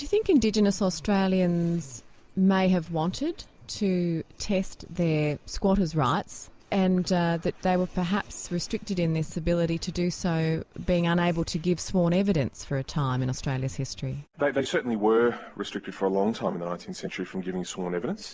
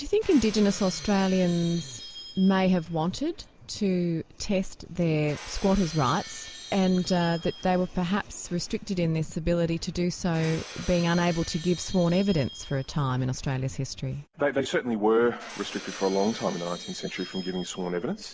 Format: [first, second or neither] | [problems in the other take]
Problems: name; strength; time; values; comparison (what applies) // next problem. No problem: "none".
first | background sound (Shatter); 18 dB below the speech